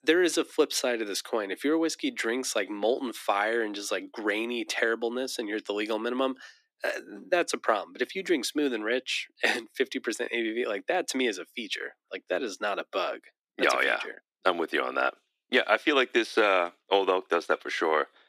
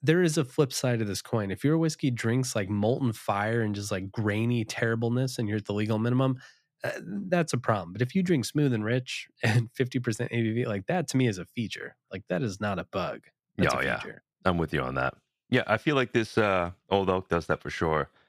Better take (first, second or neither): second